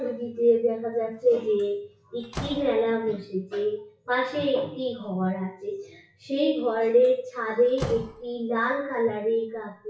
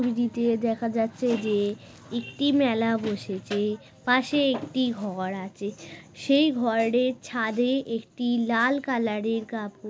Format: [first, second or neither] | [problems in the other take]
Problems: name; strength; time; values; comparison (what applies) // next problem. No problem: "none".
second | noise reduction (classical method WPE with log-MMSE)